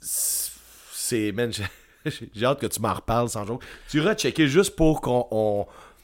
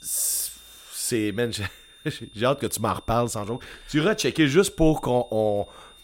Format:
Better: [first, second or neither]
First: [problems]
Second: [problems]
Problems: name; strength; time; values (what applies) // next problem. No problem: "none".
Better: first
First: none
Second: high-pitched whine; faint; throughout; 3.5 kHz, 25 dB below the speech